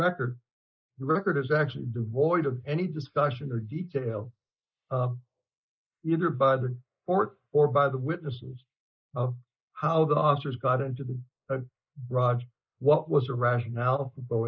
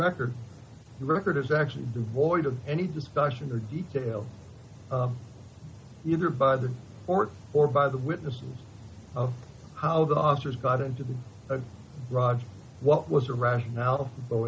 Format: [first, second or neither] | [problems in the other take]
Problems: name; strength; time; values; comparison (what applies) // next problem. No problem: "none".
second | noise reduction (neural mask model Resemble Enhance denoiser)